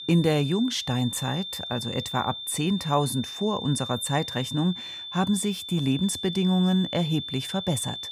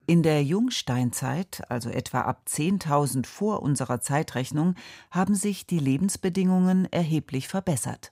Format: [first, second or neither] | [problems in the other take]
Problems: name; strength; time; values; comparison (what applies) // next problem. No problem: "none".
second | high-pitched whine; loud; throughout; 3.5 kHz, 7 dB below the speech